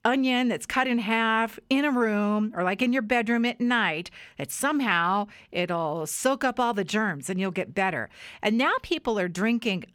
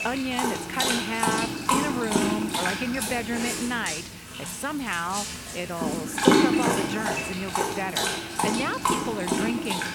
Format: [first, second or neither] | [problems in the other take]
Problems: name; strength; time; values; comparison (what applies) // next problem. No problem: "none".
first | animal sounds; very loud; throughout; 4 dB above the speech